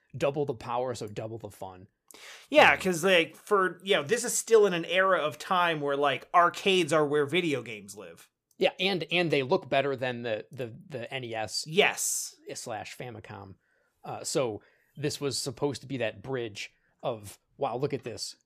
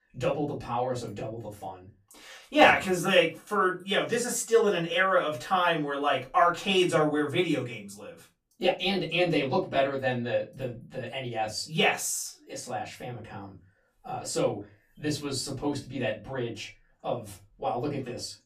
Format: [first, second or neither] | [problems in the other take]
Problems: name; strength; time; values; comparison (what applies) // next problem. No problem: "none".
first | off-mic speech; far // room echo; very slight; dies away in 0.2 s